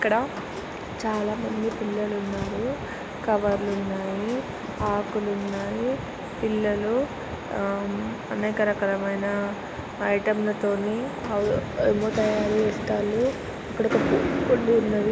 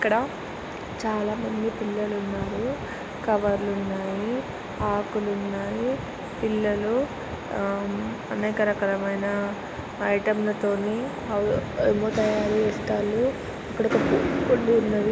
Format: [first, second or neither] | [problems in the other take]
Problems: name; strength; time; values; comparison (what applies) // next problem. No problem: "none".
second | background sound (Squeak); 17 dB below the speech